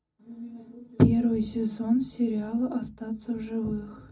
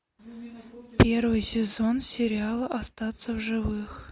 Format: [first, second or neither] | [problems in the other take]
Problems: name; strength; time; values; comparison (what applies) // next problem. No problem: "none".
second | room echo; dies away in 0.4 s